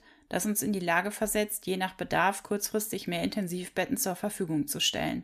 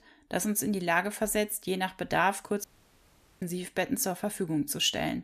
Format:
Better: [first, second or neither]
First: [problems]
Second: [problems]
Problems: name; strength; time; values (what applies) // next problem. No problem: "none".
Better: first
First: none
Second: audio cutting out; at 2.5 s for 1 s